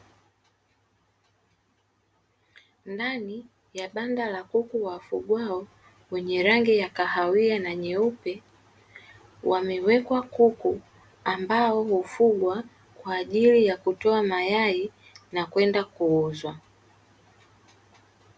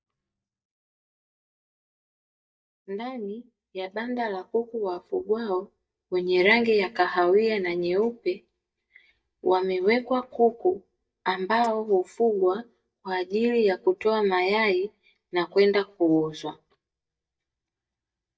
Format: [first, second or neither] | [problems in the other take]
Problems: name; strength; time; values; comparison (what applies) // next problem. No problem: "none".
first | noise reduction (neural mask model DeepFilterNet 3)